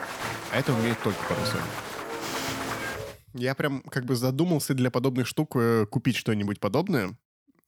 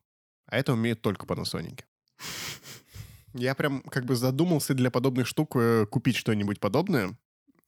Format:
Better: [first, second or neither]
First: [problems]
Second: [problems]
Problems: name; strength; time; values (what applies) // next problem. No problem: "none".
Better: second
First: crowd noise; loud; until 3 s; 5 dB below the speech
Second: none